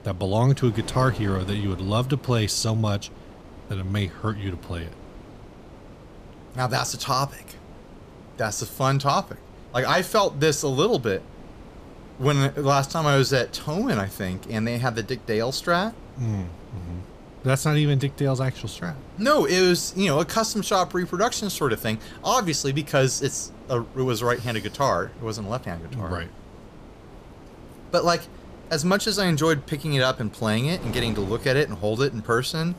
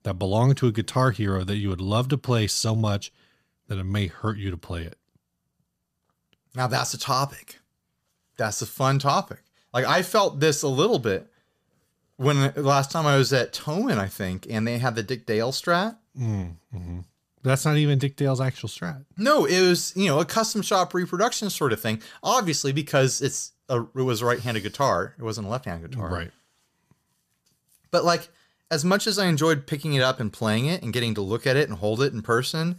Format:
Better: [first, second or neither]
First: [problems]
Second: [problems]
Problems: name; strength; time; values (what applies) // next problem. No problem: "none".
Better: second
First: wind noise on the microphone; occasional gusts; 20 dB below the speech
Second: none